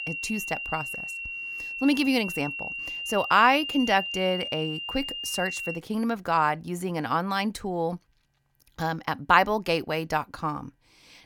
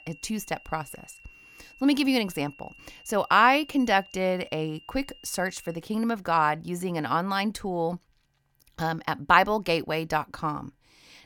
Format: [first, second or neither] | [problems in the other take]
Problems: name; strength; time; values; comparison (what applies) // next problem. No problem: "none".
second | high-pitched whine; loud; until 6 s; 2.5 kHz, 6 dB below the speech; faint in the second